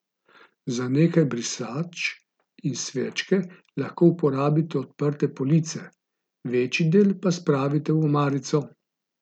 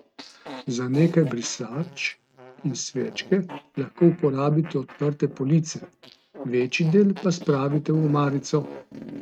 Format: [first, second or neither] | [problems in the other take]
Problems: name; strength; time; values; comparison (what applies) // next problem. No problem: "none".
first | noise reduction (neural mask model RNNoise)